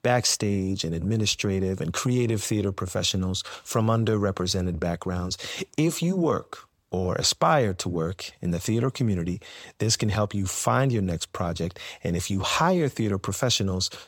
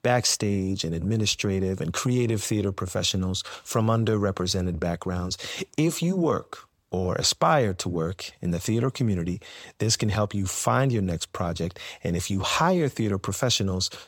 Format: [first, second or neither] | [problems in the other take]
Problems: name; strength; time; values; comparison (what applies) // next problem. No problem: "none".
neither | none